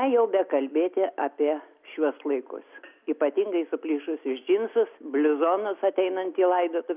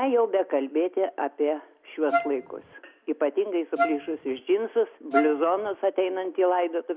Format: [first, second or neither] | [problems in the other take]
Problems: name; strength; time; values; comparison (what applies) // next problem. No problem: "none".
first | background sound (Wind instrument, woodwind instrument); 3 dB below the speech